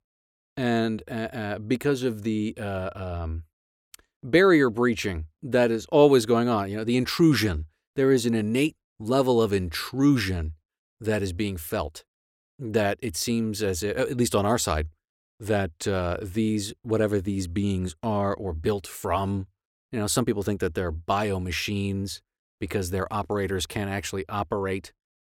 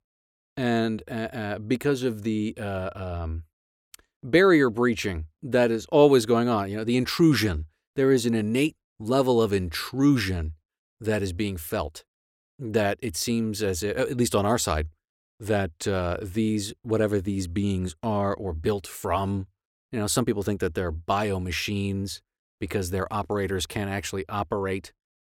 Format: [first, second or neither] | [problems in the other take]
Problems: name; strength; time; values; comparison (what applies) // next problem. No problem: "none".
neither | none